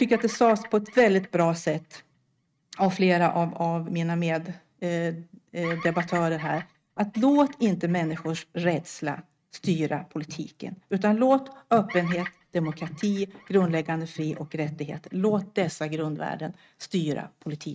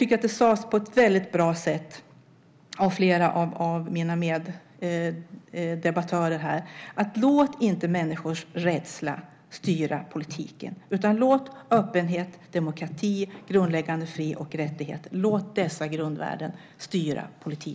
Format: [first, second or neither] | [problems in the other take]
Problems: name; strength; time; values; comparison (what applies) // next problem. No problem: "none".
second | noise reduction (neural mask model RNNoise)